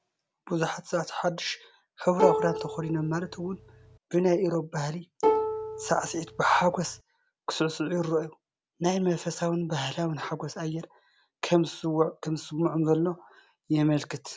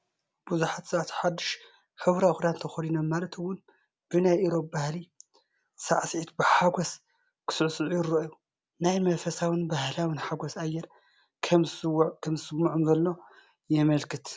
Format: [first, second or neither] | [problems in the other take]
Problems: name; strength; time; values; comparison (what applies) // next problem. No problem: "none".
second | background sound (Plucked string instrument); 1 dB below the speech